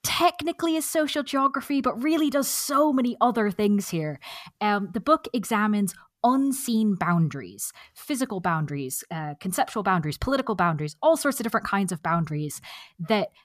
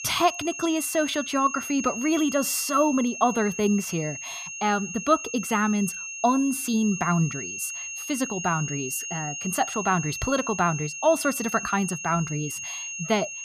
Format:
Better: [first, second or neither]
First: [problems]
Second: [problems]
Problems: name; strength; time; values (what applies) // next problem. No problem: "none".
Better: first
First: none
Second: high-pitched whine; loud; throughout; 2.5 kHz, 7 dB below the speech